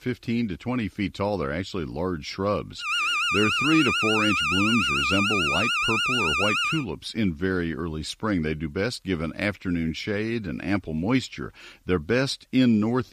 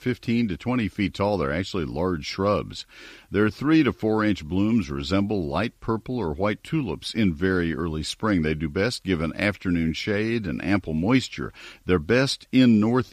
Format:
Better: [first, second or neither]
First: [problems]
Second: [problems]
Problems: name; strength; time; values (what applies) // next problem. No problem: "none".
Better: second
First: alarm; loud; from 3 to 7 s; peak 5 dB above the speech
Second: none